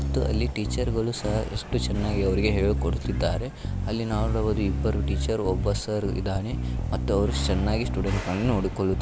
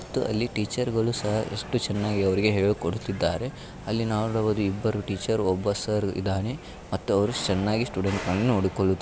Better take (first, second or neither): second